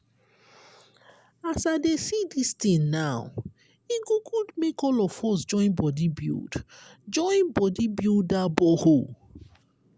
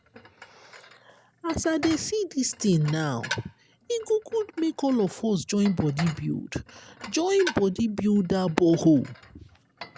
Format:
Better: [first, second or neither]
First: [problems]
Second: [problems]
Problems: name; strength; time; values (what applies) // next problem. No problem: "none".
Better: first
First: none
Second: background sound (Dishes, pots, and pans); 16 dB below the speech